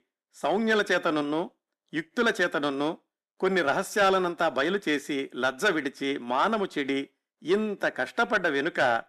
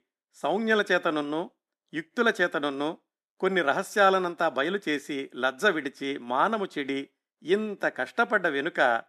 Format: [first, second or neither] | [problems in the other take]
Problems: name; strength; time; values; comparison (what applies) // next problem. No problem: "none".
second | distortion; slight; 10 dB below the speech